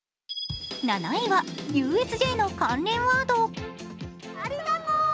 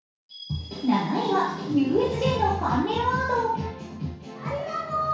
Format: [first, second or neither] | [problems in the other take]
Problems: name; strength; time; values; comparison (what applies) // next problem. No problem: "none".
first | room echo; dies away in 0.6 s